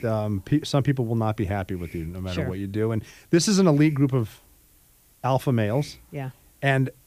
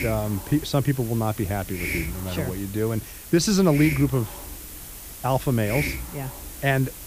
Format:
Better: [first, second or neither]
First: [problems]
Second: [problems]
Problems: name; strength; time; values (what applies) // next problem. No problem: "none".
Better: first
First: hiss; faint; throughout; 30 dB below the speech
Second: hiss; loud; throughout; 9 dB below the speech